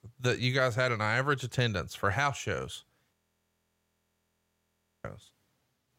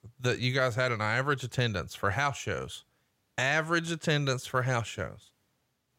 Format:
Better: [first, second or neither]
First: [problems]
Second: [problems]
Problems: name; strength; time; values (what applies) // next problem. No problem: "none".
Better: second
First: audio freezing; at 3 s for 2 s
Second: none